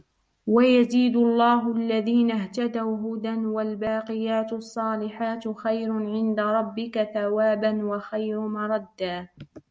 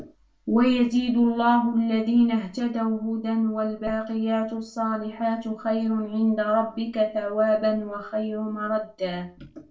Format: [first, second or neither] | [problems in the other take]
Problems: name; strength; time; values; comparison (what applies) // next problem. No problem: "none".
first | room echo; dies away in 0.2 s